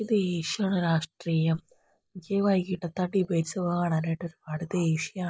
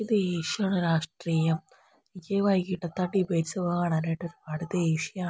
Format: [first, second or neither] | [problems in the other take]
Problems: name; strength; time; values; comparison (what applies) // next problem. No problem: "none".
second | noise reduction (neural mask model Resemble Enhance denoiser)